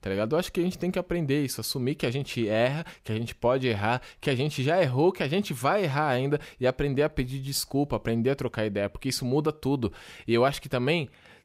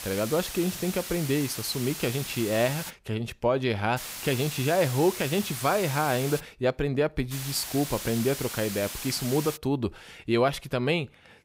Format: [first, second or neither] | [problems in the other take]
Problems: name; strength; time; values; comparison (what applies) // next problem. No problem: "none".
first | hiss; loud; until 3 s, from 4 to 6.5 s and from 7.5 to 9.5 s; 8 dB below the speech